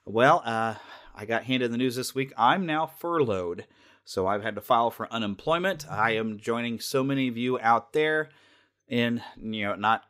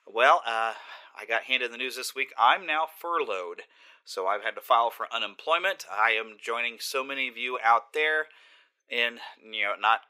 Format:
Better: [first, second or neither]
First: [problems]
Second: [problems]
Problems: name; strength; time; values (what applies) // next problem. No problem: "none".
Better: first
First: none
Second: thin; very; fading below 500 Hz